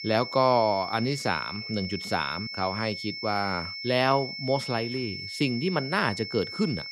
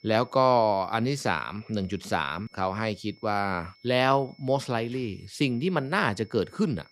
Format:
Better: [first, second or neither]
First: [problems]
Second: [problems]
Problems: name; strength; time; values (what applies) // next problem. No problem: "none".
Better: second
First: high-pitched whine; loud; throughout; 5.5 kHz, 7 dB below the speech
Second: high-pitched whine; faint; throughout; 5.5 kHz, 30 dB below the speech